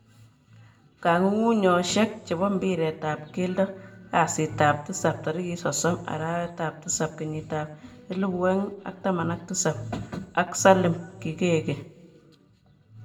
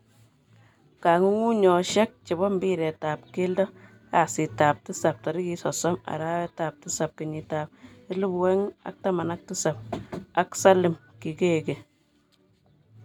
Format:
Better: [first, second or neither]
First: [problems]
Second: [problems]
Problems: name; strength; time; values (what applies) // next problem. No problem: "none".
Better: second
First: room echo; dies away in 0.5 s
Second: none